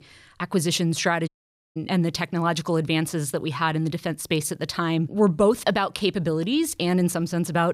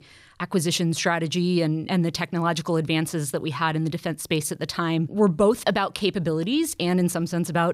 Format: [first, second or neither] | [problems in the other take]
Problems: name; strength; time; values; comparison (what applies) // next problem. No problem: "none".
second | audio cutting out; at 1.5 s